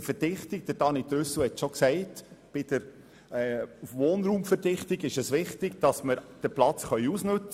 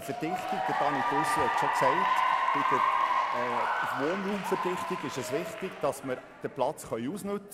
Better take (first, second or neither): first